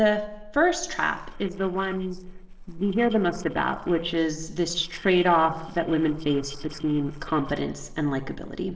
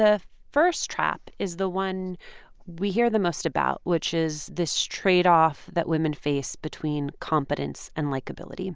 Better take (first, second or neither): second